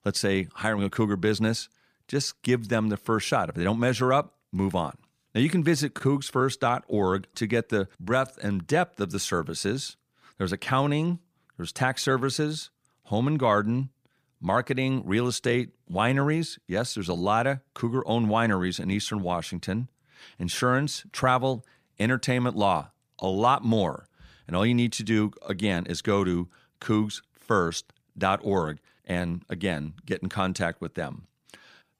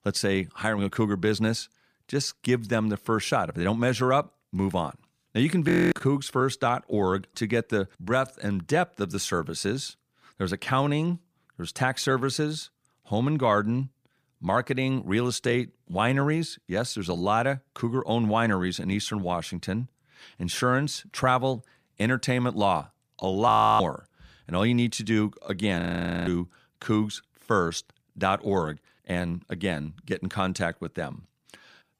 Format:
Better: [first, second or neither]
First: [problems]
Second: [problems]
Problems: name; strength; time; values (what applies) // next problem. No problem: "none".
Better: first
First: none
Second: audio freezing; at 5.5 s, at 23 s and at 26 s